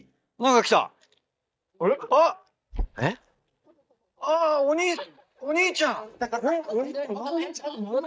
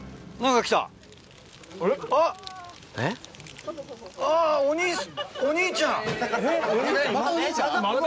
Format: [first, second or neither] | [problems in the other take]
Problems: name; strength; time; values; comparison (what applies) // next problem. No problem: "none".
second | noise reduction (neural mask model DeepFilterNet 3)